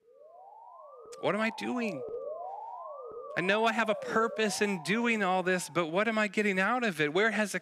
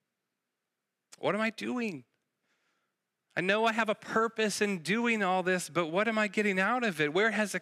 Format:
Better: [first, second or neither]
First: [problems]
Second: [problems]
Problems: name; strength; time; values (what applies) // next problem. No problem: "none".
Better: second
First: siren; noticeable; until 6 s; peak 10 dB below the speech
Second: none